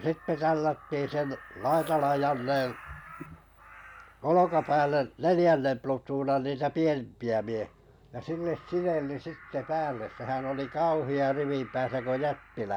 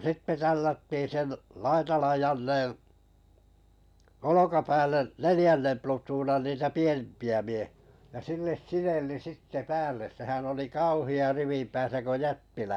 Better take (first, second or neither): second